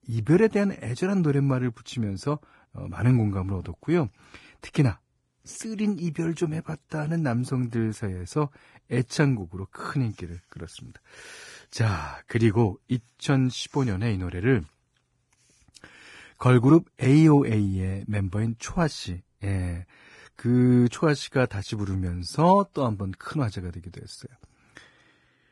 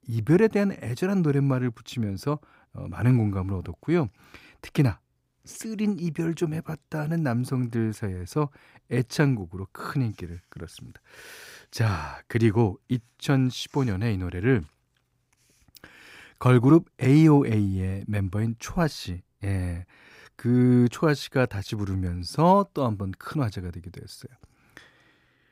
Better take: second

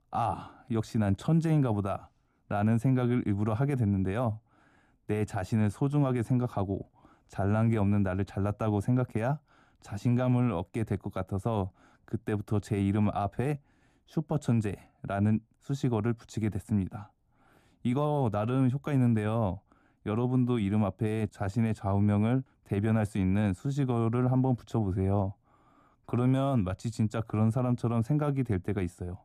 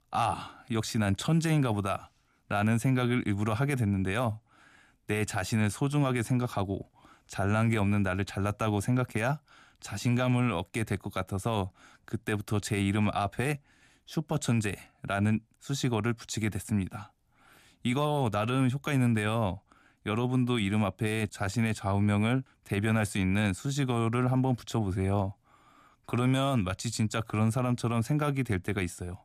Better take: second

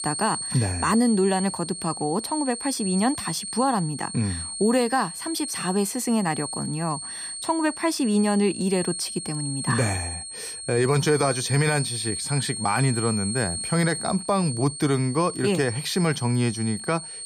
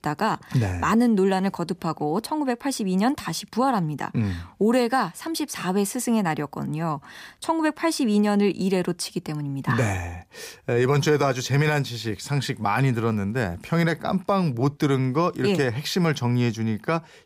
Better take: second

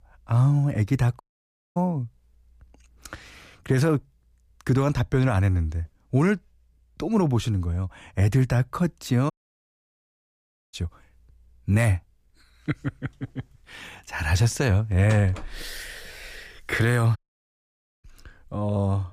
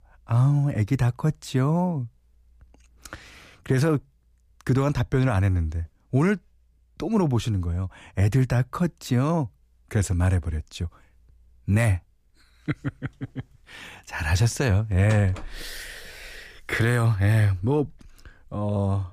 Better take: second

